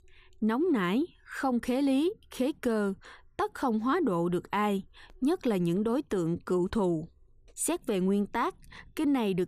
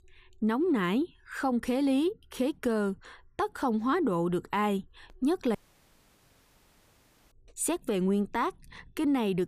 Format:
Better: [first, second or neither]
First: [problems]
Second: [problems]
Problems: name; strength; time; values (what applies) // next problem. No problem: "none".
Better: first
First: none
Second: audio cutting out; at 5.5 s for 2 s